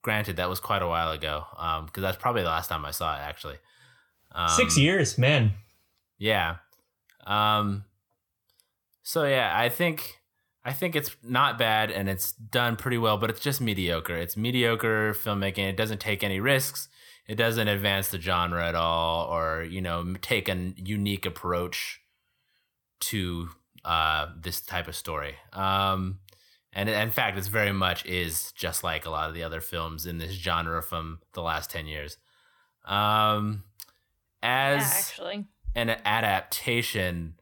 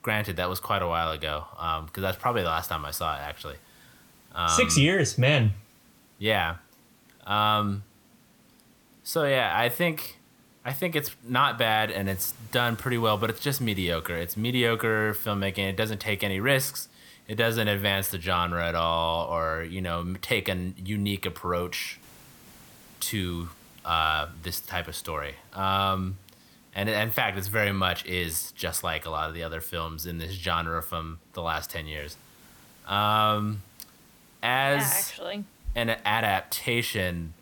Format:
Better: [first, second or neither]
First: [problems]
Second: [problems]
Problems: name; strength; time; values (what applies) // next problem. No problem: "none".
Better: first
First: none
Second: hiss; faint; throughout; 30 dB below the speech